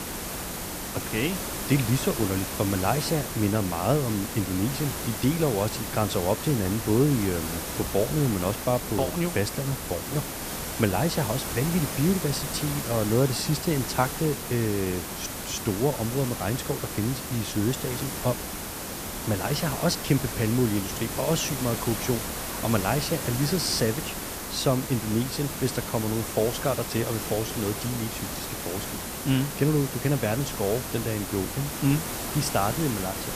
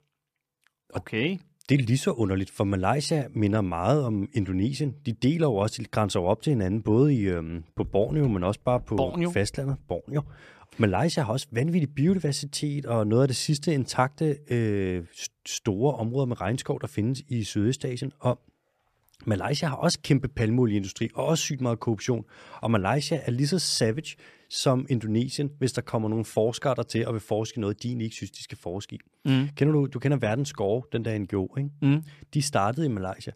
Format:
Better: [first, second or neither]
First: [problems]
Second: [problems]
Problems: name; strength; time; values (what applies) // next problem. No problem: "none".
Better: second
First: hiss; loud; throughout; 4 dB below the speech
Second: none